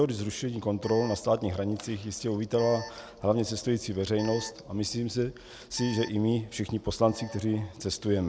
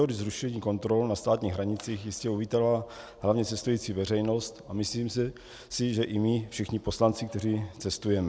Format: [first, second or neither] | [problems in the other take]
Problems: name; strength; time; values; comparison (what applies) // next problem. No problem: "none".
second | background sound (Alarm); 20 dB below the speech